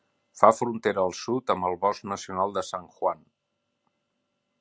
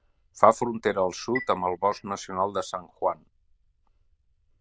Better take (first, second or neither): first